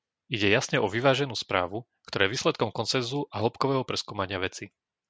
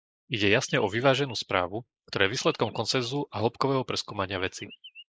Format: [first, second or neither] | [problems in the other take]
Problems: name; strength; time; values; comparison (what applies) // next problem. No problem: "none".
first | noise reduction (neural mask model Resemble Enhance denoiser)